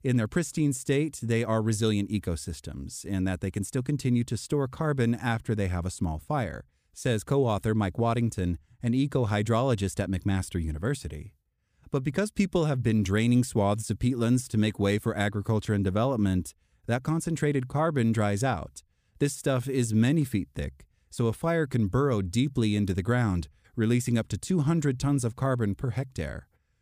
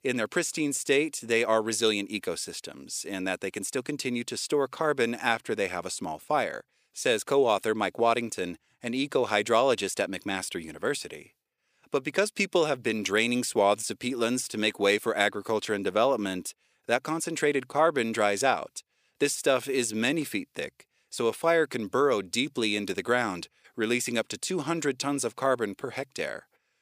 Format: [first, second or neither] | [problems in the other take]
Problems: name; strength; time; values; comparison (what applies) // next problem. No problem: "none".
first | thin; somewhat; fading below 450 Hz